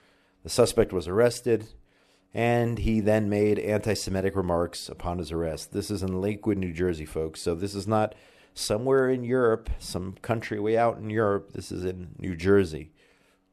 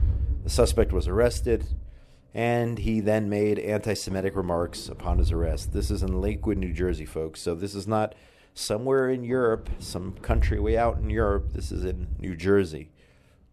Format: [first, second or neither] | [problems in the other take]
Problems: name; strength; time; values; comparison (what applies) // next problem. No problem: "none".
first | low rumble; faint; throughout; 20 dB below the speech